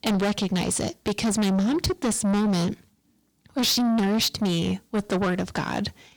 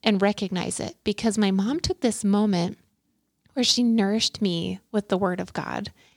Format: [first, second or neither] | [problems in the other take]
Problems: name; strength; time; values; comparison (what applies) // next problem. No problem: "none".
second | distortion; heavy; 6 dB below the speech